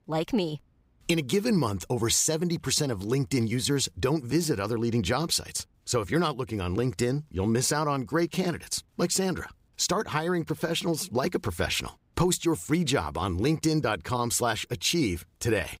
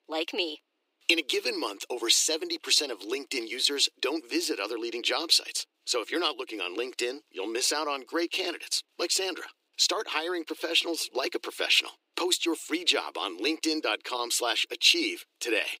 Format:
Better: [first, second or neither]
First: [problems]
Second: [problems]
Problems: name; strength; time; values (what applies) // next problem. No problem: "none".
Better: first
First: none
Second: thin; very; fading below 300 Hz